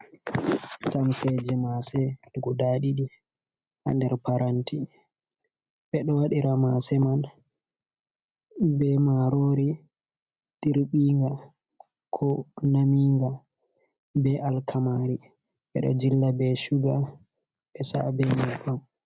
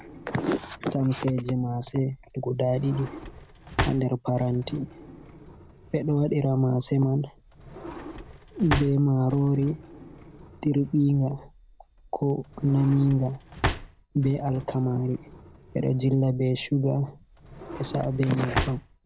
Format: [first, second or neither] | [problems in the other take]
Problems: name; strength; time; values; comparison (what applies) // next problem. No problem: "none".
first | background sound (Drawer open or close); 11 dB below the speech